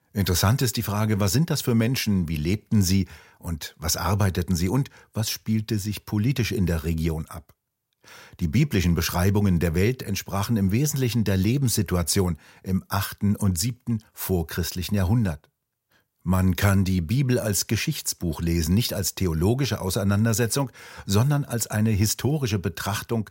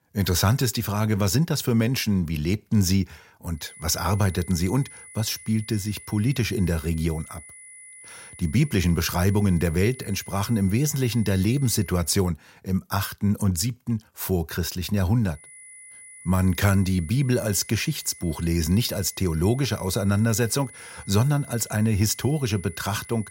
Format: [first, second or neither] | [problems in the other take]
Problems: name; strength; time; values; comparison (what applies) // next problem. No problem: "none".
first | high-pitched whine; noticeable; from 3.5 to 12 s and from 15 s on; 10 kHz, 20 dB below the speech